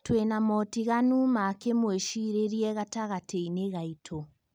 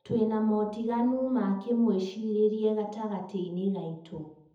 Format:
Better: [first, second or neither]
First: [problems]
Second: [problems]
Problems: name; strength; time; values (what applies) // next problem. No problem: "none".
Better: first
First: none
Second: room echo; dies away in 0.7 s